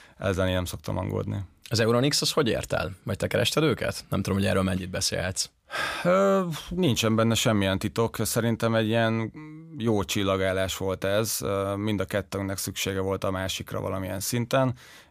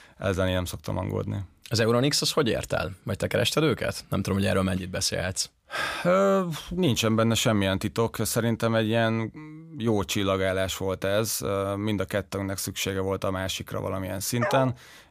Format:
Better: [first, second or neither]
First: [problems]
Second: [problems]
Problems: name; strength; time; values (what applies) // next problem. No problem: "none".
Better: first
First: none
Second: dog barking; noticeable; at 14 s; peak 4 dB below the speech